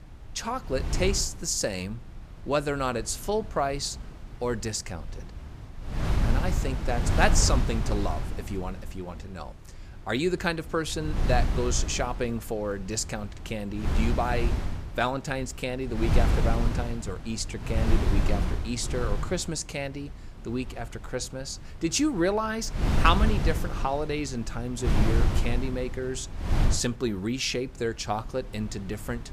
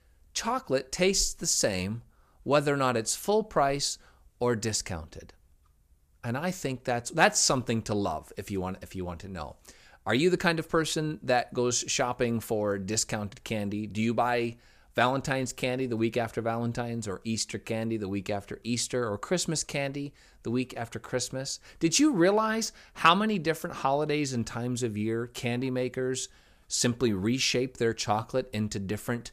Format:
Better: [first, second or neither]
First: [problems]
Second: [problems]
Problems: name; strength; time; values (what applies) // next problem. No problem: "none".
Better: second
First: wind noise on the microphone; heavy; 7 dB below the speech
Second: none